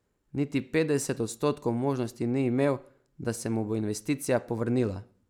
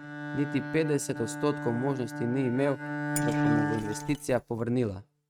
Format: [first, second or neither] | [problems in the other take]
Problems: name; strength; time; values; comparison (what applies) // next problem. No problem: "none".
first | noise reduction (neural mask model RNNoise)